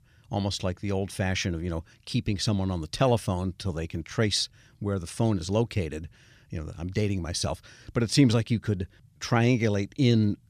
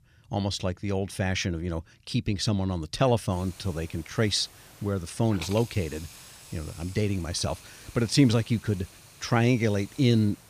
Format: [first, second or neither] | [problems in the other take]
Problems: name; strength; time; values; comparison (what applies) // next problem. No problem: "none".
first | hiss; noticeable; from 3.5 s on; 20 dB below the speech